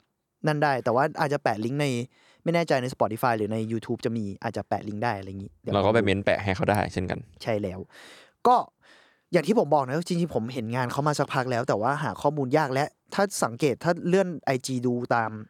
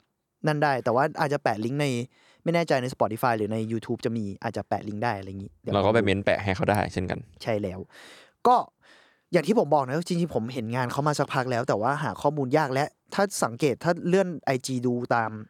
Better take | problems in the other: neither | none

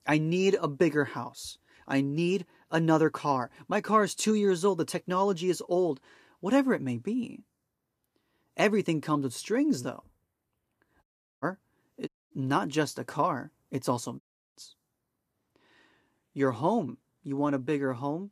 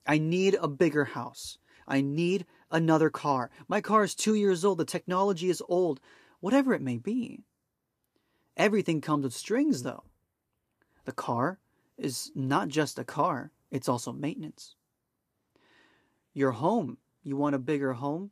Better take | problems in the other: second | audio cutting out; at 11 s, at 12 s and at 14 s

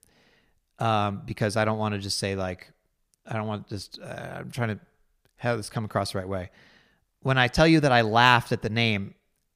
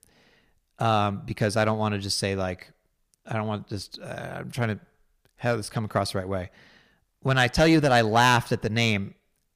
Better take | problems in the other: first | distortion; slight; 1.5% of the sound clipped

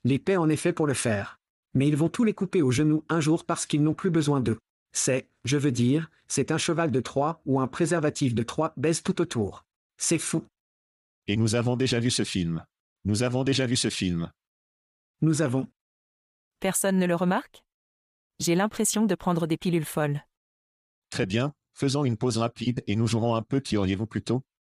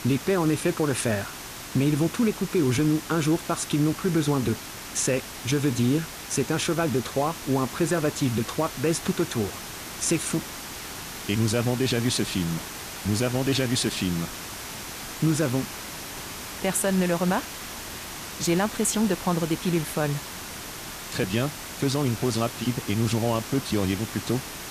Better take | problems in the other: first | hiss; loud; throughout; 9 dB below the speech

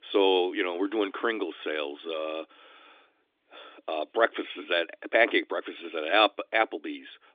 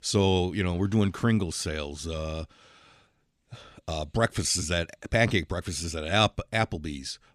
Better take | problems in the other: second | phone-call audio

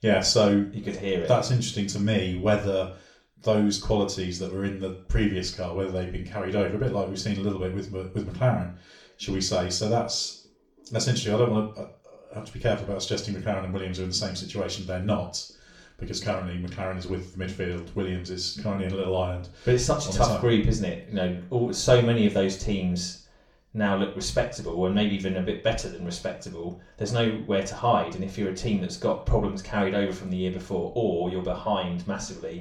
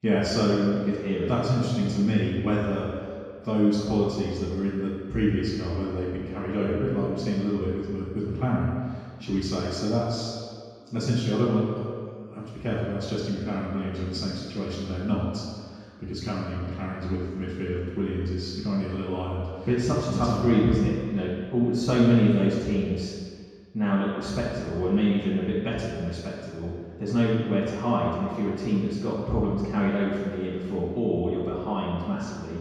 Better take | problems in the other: first | room echo; strong; dies away in 2 s; slight in the first // off-mic speech; far; far in the first

